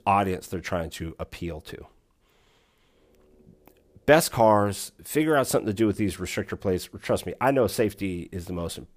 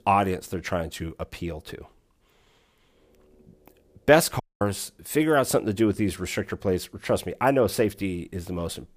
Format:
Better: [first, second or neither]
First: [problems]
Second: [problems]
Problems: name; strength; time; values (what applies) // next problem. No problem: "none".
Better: first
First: none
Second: audio cutting out; at 4.5 s